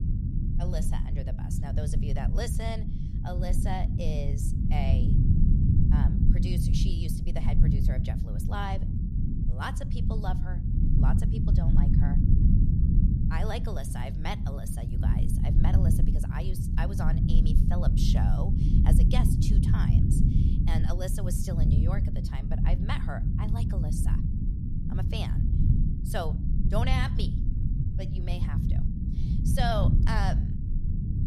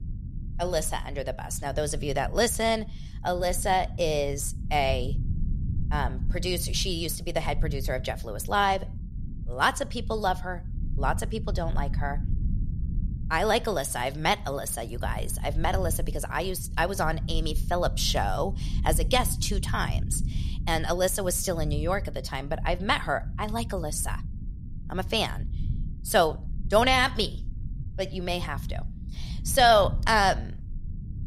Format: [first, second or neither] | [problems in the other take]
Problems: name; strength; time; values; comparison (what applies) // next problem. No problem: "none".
second | low rumble; loud; throughout; 2 dB below the speech; faint in the second